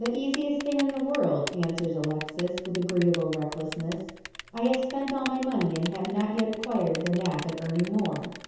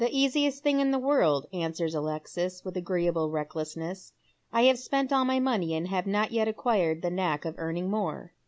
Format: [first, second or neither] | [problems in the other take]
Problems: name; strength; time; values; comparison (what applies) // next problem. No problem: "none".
second | background sound (Typing); 14 dB below the speech // room echo; dies away in 0.9 s